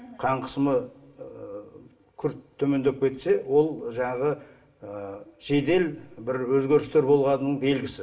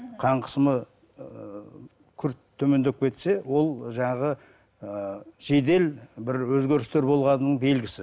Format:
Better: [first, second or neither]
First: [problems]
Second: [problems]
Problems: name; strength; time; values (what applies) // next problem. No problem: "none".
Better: second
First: room echo; dies away in 0.5 s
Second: none